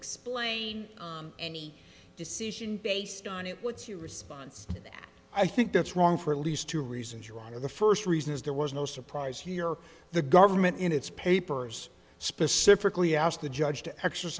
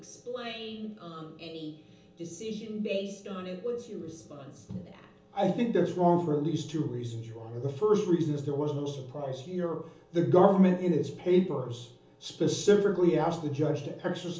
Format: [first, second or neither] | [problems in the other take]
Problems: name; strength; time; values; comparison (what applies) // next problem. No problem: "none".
first | room echo; dies away in 1.2 s